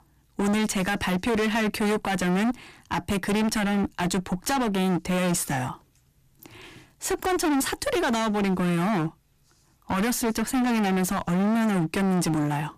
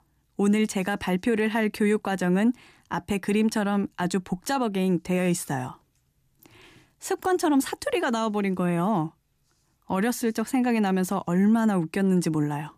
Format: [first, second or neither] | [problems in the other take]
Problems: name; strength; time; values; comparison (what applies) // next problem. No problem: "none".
second | distortion; heavy; 29% of the sound clipped